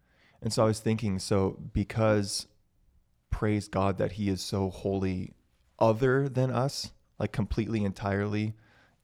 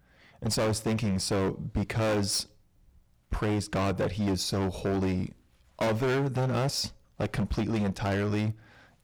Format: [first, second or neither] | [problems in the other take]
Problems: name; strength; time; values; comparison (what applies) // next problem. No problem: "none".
first | distortion; heavy; 18% of the sound clipped